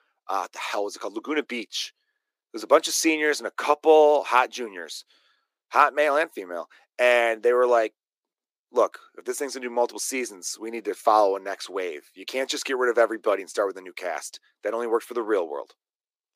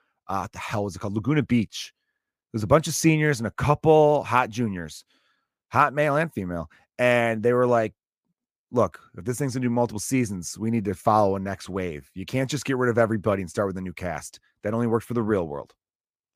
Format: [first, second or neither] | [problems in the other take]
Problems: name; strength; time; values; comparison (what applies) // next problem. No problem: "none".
second | thin; very; fading below 350 Hz